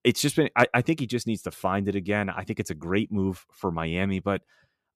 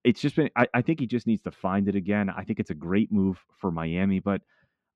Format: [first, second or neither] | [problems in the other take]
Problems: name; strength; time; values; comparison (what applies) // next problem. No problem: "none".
first | muffled; slightly; fading above 3 kHz